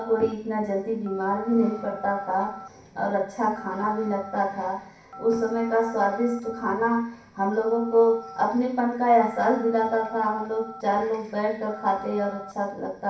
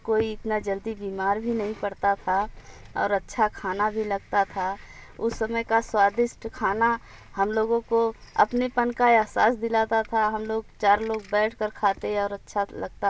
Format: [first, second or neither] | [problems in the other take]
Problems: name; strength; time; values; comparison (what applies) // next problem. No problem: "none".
second | background sound (Telephone); 18 dB below the speech // room echo; dies away in 0.6 s